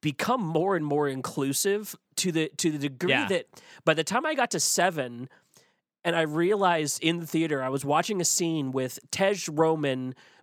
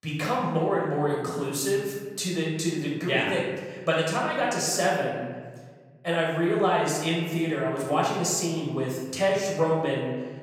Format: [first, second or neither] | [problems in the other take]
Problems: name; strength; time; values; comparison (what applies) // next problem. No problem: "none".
first | off-mic speech; far // room echo; noticeable; dies away in 1.4 s